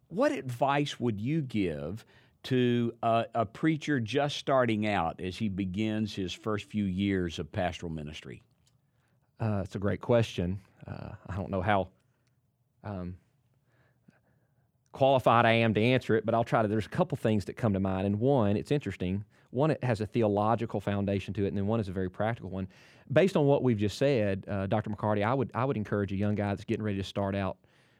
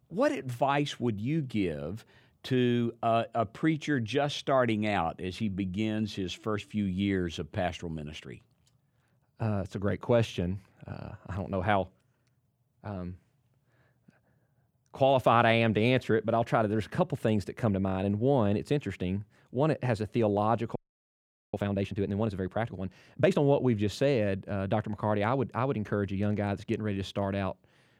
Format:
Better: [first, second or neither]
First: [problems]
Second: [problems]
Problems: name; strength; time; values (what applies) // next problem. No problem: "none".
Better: first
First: none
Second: audio freezing; at 21 s for 1 s